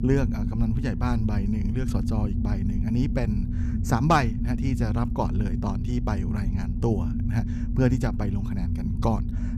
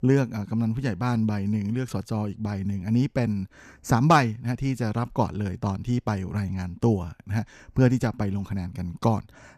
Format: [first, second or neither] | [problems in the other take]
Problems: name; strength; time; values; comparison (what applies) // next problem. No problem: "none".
second | low rumble; loud; throughout; 8 dB below the speech